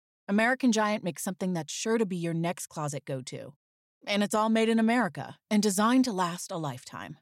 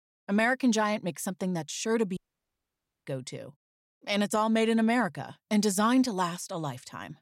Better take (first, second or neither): first